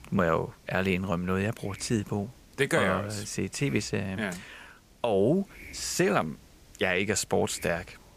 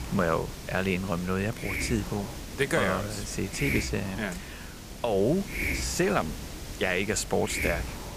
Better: first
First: hiss; faint; throughout; 25 dB below the speech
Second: hiss; loud; throughout; 6 dB below the speech

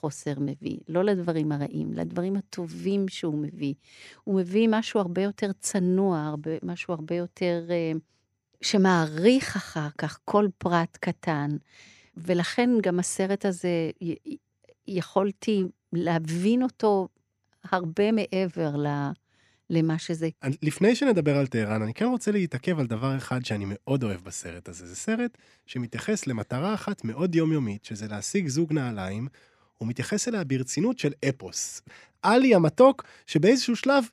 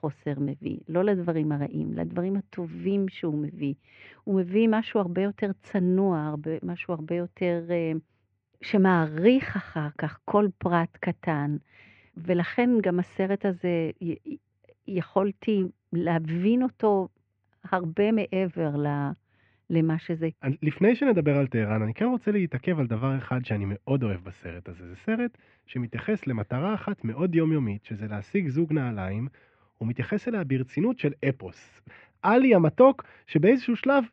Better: first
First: none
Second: muffled; very; fading above 2.5 kHz

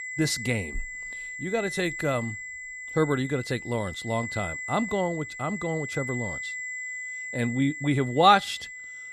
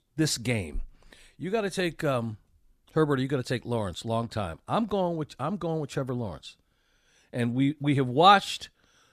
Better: second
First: high-pitched whine; loud; throughout; 2 kHz, 8 dB below the speech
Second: none

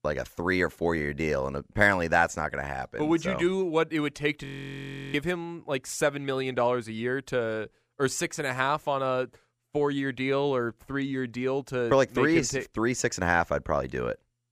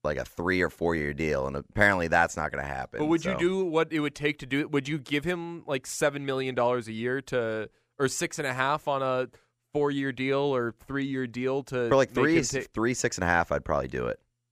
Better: second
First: audio freezing; at 4.5 s for 0.5 s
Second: none

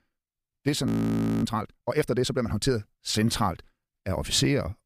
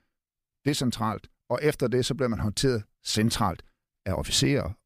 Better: second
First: audio freezing; at 1 s for 0.5 s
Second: none

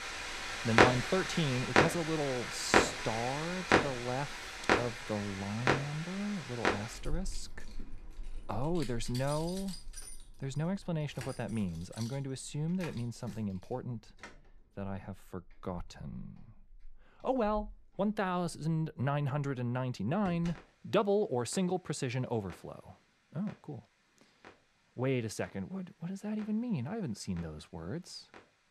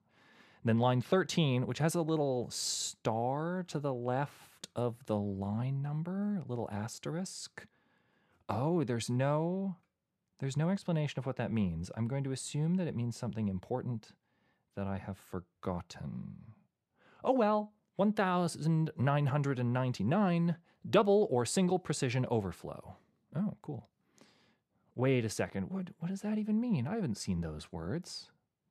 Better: second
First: household noises; very loud; throughout; 3 dB above the speech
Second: none

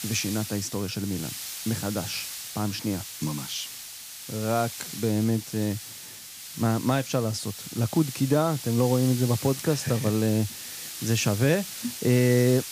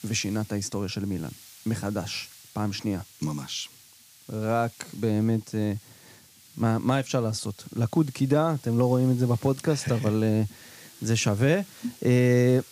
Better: second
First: hiss; loud; throughout; 9 dB below the speech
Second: hiss; faint; throughout; 20 dB below the speech

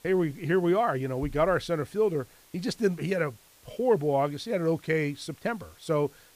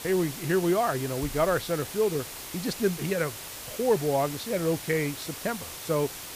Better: first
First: hiss; faint; throughout; 25 dB below the speech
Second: hiss; loud; throughout; 9 dB below the speech

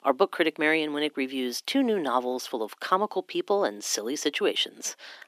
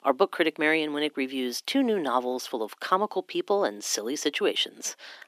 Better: neither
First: thin; somewhat; fading below 250 Hz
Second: thin; somewhat; fading below 250 Hz

